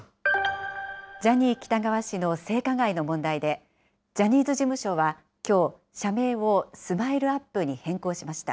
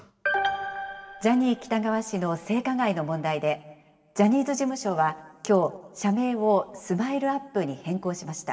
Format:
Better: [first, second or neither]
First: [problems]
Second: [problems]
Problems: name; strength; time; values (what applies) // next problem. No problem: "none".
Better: first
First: none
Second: room echo; dies away in 1.2 s